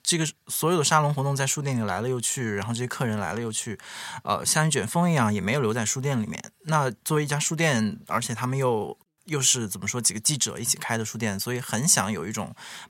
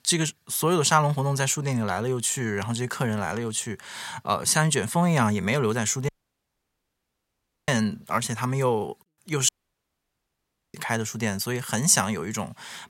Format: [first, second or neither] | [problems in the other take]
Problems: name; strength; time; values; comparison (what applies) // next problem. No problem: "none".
first | audio cutting out; at 6 s for 1.5 s and at 9.5 s for 1.5 s